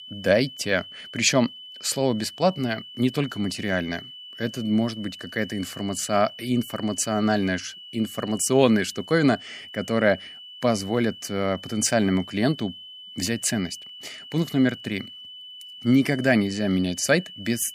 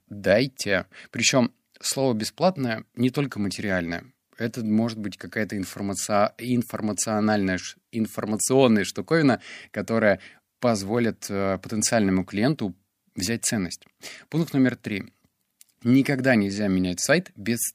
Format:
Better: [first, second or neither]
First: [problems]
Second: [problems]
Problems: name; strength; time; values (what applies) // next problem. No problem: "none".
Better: second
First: high-pitched whine; noticeable; throughout; 3 kHz, 15 dB below the speech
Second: none